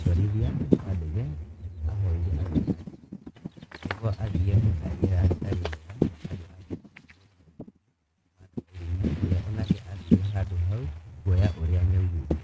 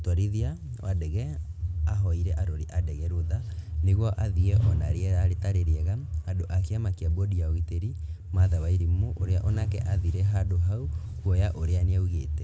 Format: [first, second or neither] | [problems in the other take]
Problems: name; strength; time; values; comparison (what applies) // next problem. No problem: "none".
second | noise reduction (neural mask model RNNoise)